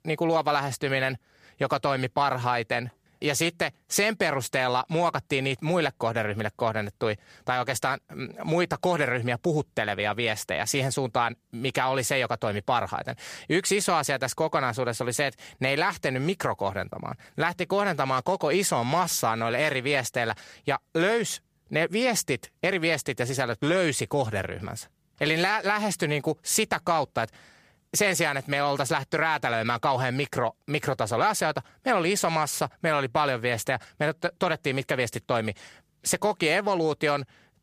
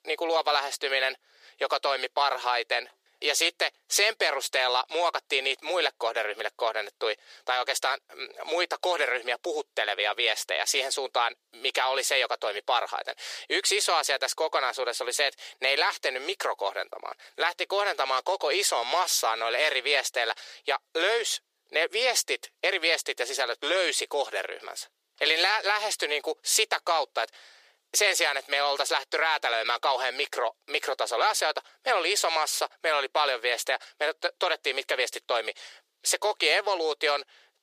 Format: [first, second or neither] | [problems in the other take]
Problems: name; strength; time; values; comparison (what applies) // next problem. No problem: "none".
first | thin; very; fading below 400 Hz